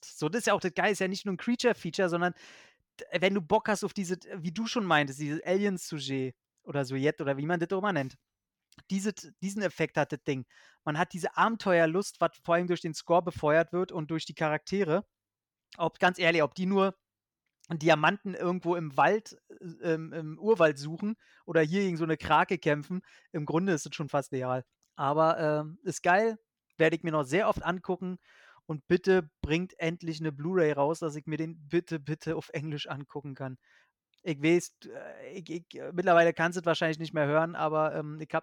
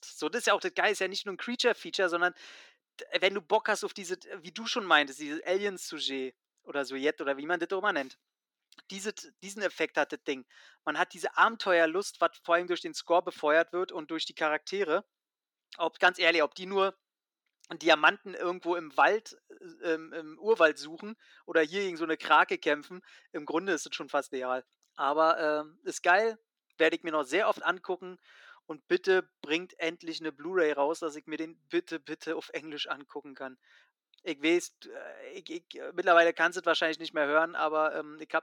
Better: first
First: none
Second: thin; somewhat; fading below 300 Hz

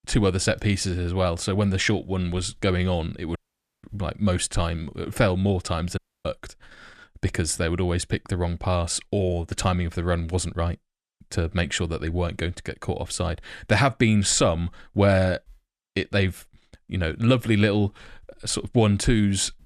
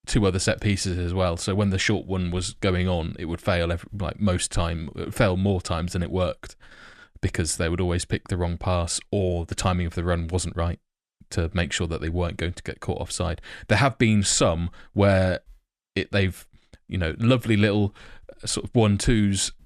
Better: second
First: audio cutting out; at 3.5 s and at 6 s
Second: none

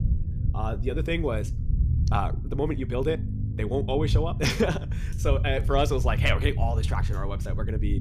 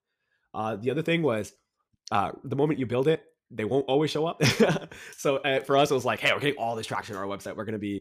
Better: second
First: low rumble; noticeable; throughout; 15 dB below the speech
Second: none

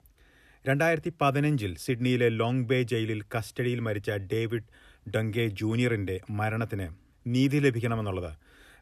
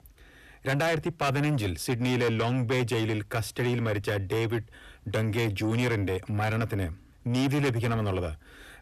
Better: first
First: none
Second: distortion; heavy; 8 dB below the speech

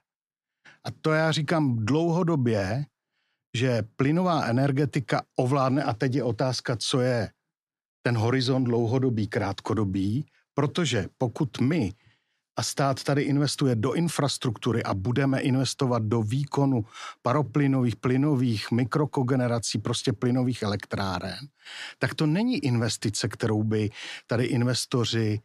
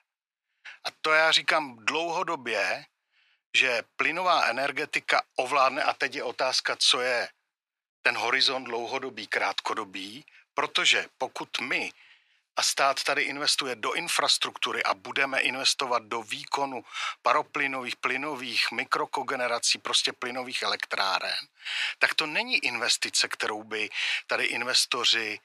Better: first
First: none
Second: thin; very; fading below 850 Hz

